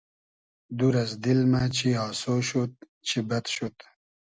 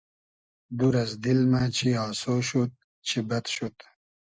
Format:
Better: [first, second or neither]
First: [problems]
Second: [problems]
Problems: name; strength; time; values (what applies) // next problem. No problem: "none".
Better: first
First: none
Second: noise reduction (neural mask model Resemble Enhance denoiser)